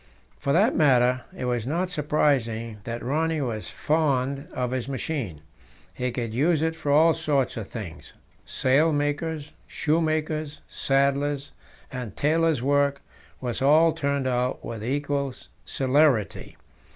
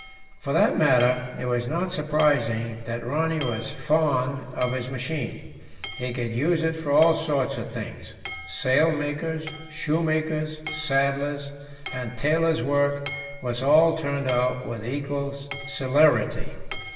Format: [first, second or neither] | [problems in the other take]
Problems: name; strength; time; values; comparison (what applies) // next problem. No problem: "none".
first | background sound (Hammer / Chink, clink); 18 dB below the speech // room echo; dies away in 1.4 s